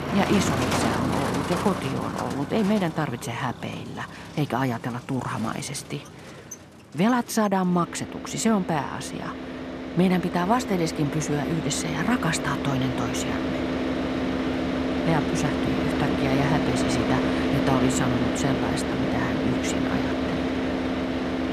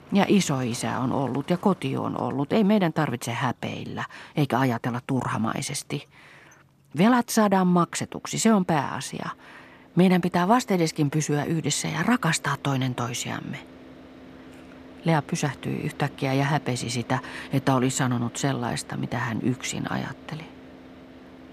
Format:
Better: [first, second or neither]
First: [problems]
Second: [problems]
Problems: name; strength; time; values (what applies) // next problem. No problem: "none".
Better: second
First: traffic noise; loud; throughout; as loud as the speech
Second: traffic noise; faint; throughout; 20 dB below the speech